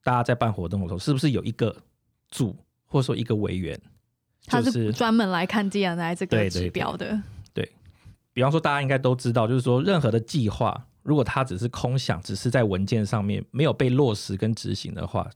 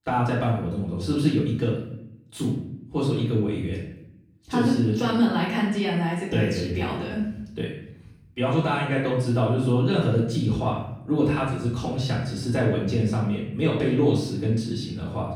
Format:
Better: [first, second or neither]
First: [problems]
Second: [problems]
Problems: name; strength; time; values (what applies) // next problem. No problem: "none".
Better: first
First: none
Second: off-mic speech; far // room echo; noticeable; dies away in 0.7 s